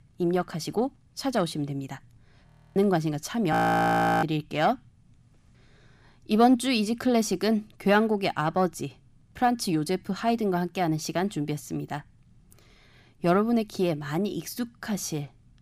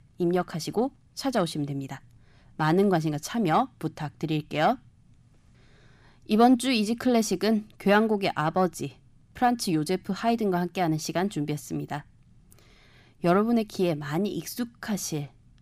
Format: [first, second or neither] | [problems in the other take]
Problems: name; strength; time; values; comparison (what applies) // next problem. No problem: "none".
second | audio freezing; at 2.5 s and at 3.5 s for 0.5 s